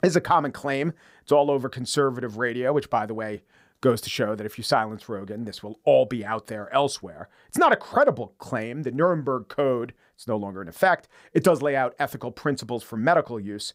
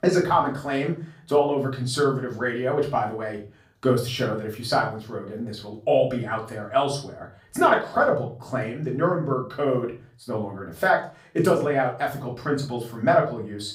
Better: first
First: none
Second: off-mic speech; far // room echo; slight; dies away in 0.4 s

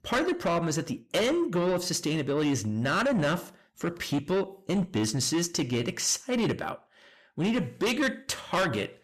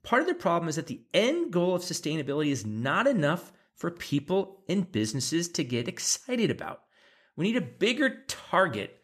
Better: second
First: distortion; heavy; 8 dB below the speech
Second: none

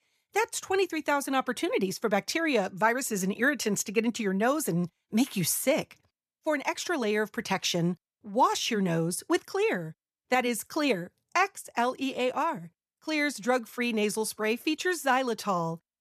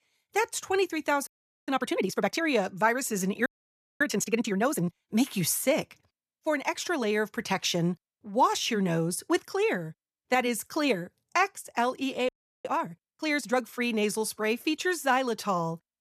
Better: first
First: none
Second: audio freezing; at 1.5 s, at 3.5 s for 0.5 s and at 12 s

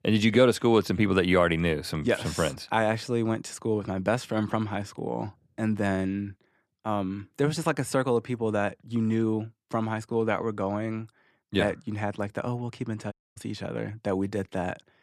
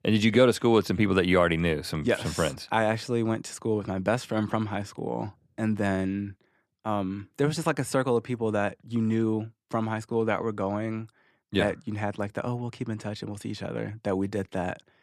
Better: second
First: audio cutting out; at 13 s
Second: none

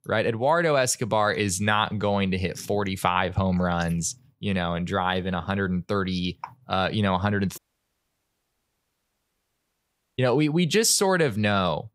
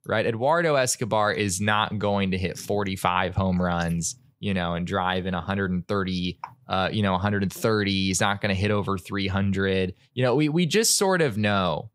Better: second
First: audio cutting out; at 7.5 s for 2.5 s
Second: none

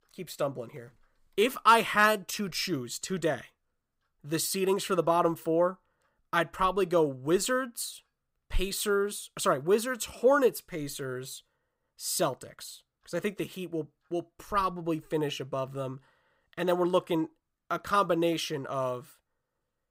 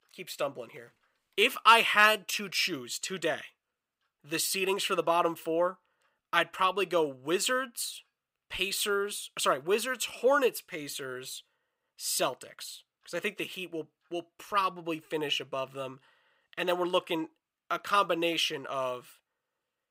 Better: first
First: none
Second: thin; very slightly; fading below 450 Hz

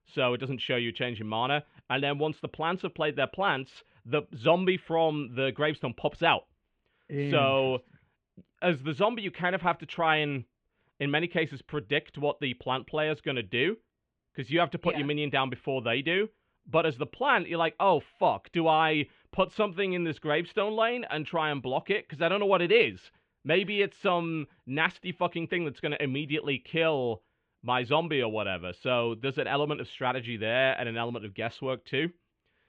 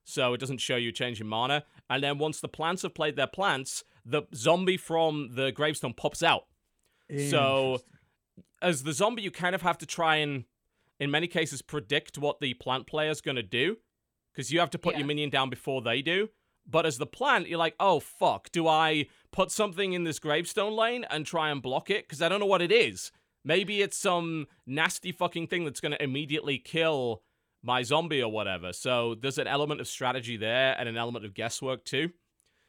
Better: second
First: muffled; very; fading above 3 kHz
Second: none

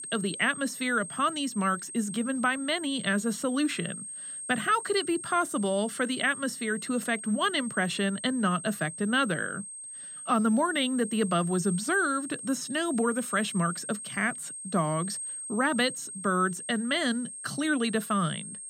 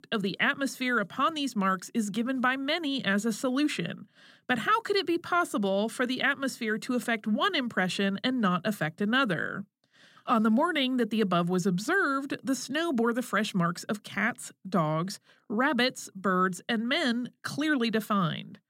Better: second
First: high-pitched whine; loud; throughout; 8.5 kHz, 9 dB below the speech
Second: none

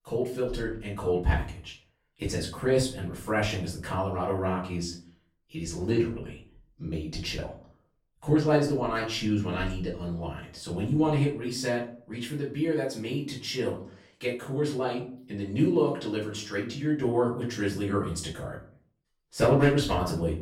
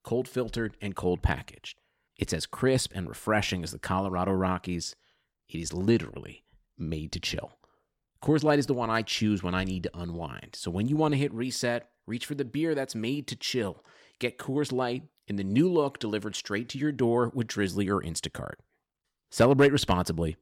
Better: second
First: off-mic speech; far // room echo; slight; dies away in 0.4 s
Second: none

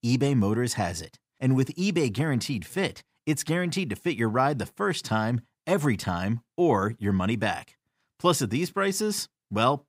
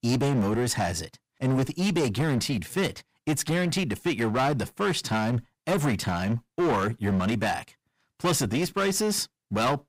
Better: first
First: none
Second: distortion; heavy; 15% of the sound clipped

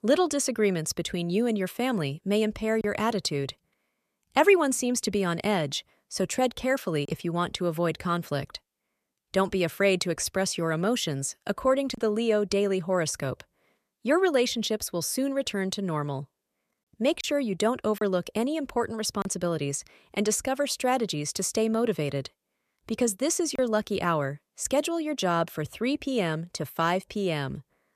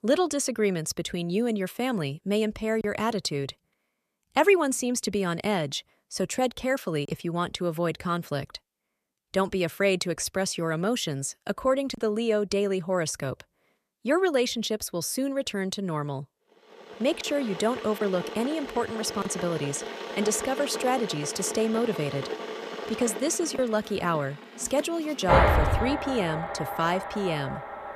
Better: first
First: none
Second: household noises; loud; from 17 s on; 4 dB below the speech

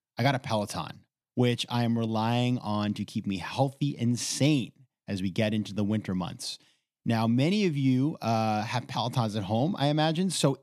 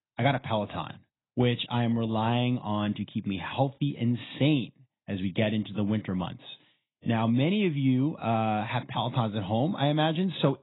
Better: first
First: none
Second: garbled, watery; badly; nothing above 4 kHz

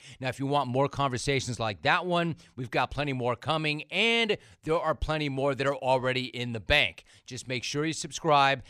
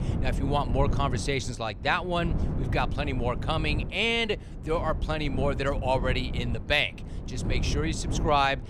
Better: first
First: none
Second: wind noise on the microphone; occasional gusts; 15 dB below the speech

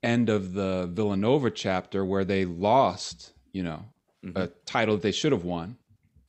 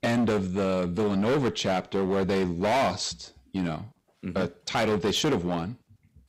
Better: first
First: none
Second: distortion; heavy; 15% of the sound clipped

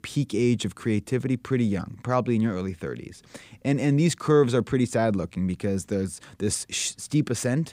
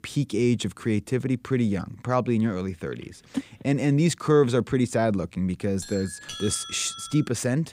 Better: first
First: none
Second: phone ringing; noticeable; at 3.5 s; peak 10 dB below the speech // doorbell; noticeable; from 6 s on; peak 9 dB below the speech

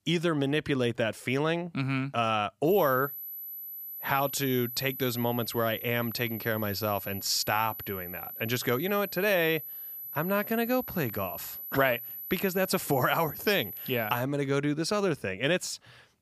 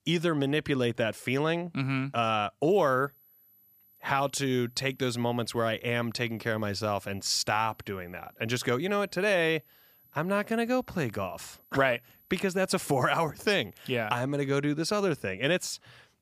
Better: second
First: high-pitched whine; loud; from 2.5 to 14 s; 12 kHz, 8 dB below the speech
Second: high-pitched whine; faint; from 2.5 to 14 s; 12 kHz, 30 dB below the speech

